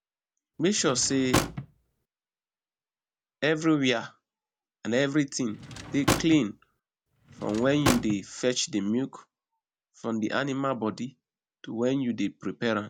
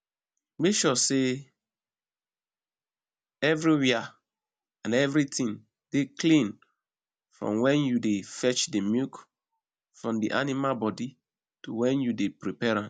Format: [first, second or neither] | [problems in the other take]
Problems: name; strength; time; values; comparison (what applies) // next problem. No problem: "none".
second | background sound (Drawer open or close / Wood); 3 dB below the speech